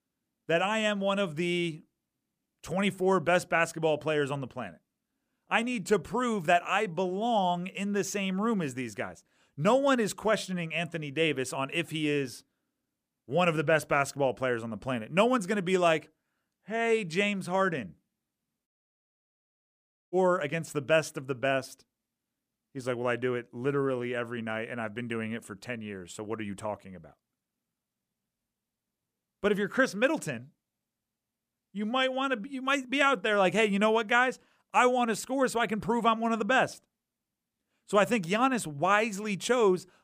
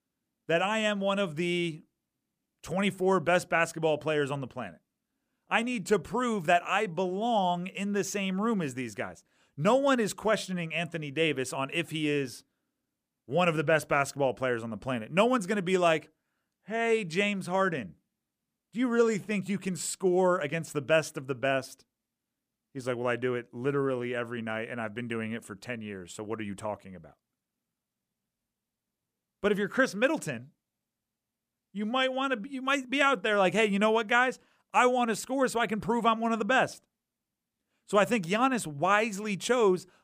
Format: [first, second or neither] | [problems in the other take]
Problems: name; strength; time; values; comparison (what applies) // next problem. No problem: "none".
second | audio cutting out; at 19 s for 1.5 s